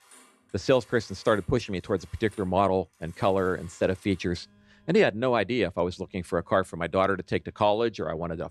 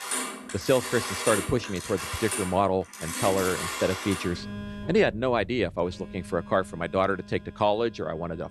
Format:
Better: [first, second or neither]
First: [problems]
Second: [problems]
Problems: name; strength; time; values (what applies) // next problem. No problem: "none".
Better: first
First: alarms or sirens; faint; throughout; 30 dB below the speech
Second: alarms or sirens; loud; throughout; 6 dB below the speech